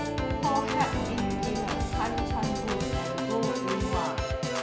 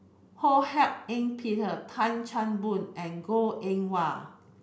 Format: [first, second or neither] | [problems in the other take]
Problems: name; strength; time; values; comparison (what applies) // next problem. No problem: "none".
second | background sound (Organ); 4 dB above the speech